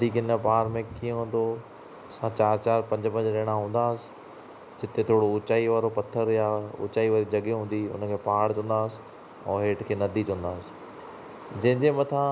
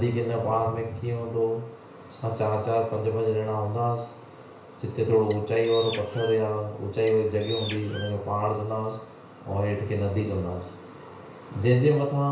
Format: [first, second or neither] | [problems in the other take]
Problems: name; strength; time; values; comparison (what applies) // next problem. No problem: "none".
first | background sound (Bird); 14 dB below the speech // room echo; dies away in 0.5 s